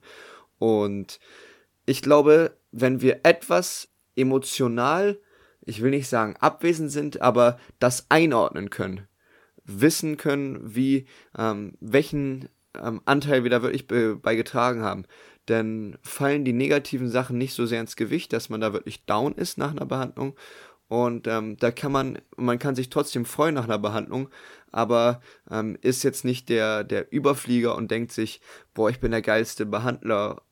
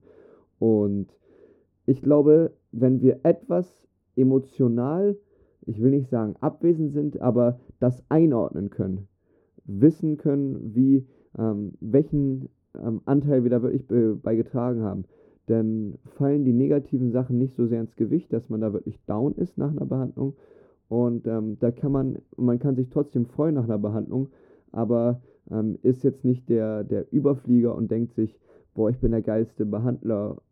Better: first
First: none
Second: muffled; very; fading above 1 kHz

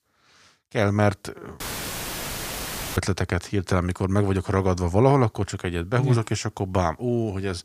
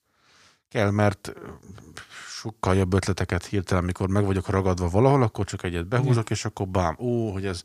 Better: second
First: audio cutting out; filled with static; at 1.5 s for 1.5 s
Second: none

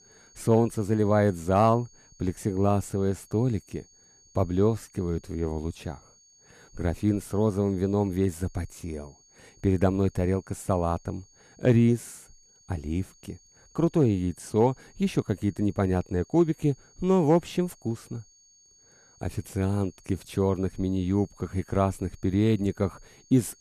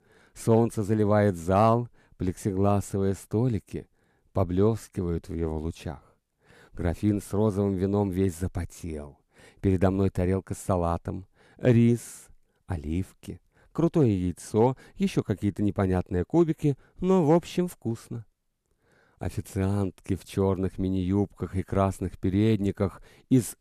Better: second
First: high-pitched whine; faint; throughout; 6.5 kHz, 30 dB below the speech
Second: none

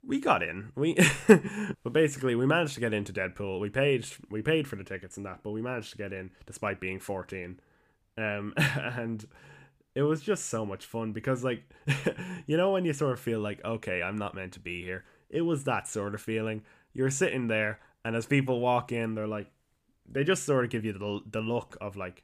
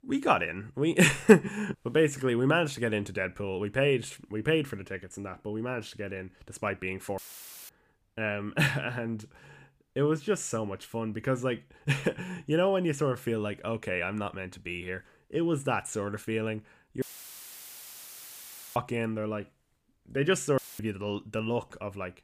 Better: first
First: none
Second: audio cutting out; filled with static; at 7 s for 0.5 s, at 17 s for 1.5 s and at 21 s

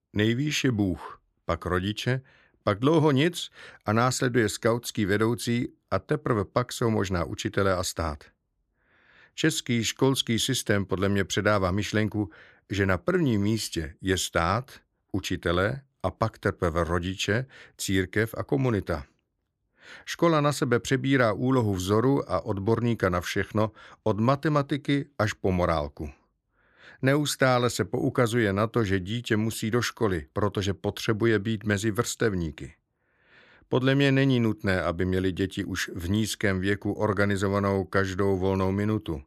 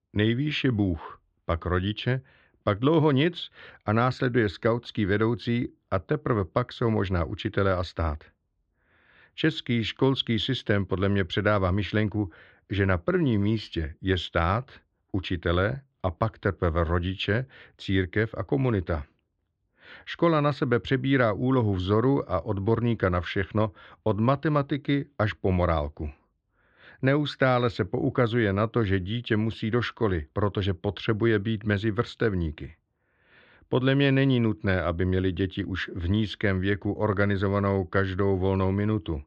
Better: first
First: none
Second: muffled; slightly; fading above 3.5 kHz

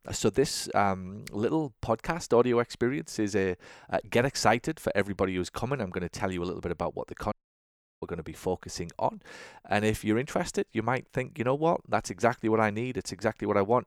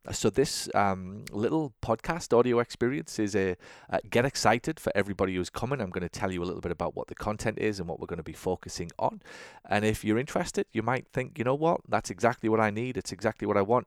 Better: second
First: audio cutting out; at 7.5 s for 0.5 s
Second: none

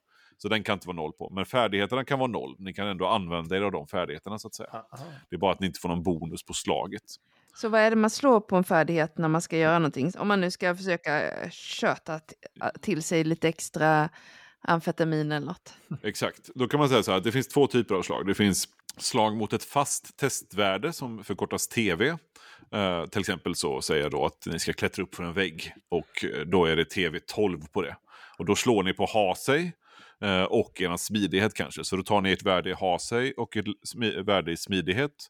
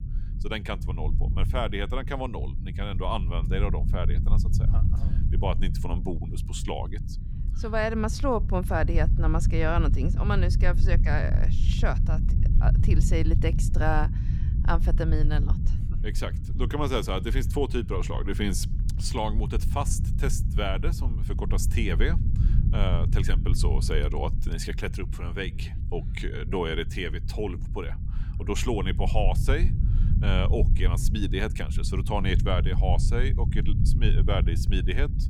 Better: first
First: none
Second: low rumble; noticeable; throughout; 10 dB below the speech

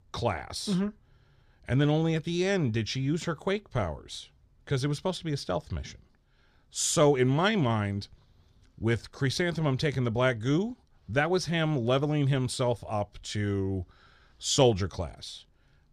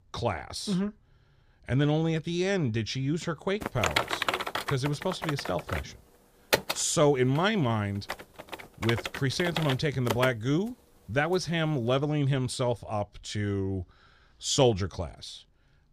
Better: first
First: none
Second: keyboard typing; loud; from 3.5 to 10 s; peak 2 dB above the speech

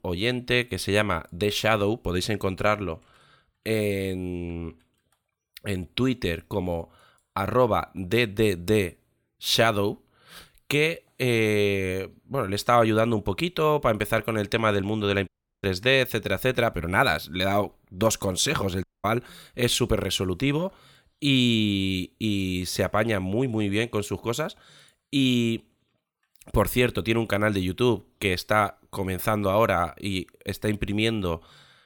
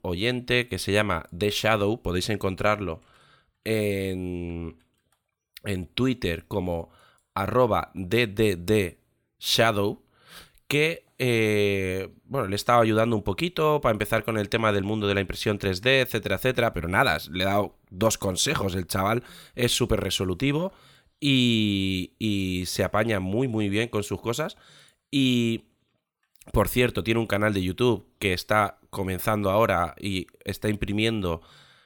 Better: second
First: audio cutting out; at 15 s and at 19 s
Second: none

